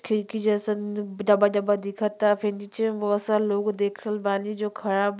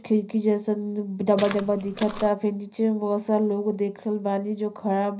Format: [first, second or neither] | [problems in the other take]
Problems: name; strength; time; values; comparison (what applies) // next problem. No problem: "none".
first | background sound (Walk, footsteps); 11 dB below the speech // room echo; dies away in 0.4 s